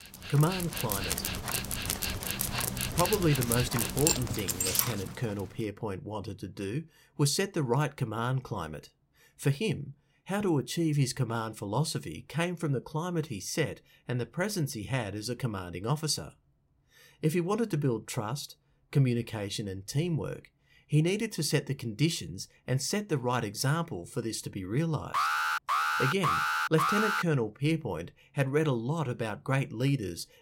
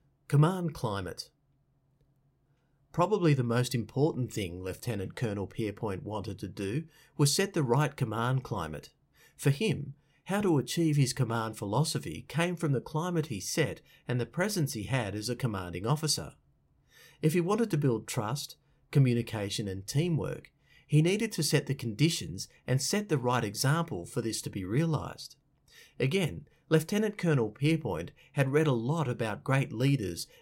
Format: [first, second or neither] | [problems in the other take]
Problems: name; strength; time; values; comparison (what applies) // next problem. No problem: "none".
second | dog barking; loud; until 5 s; peak 5 dB above the speech // alarm; loud; from 25 to 27 s; peak 4 dB above the speech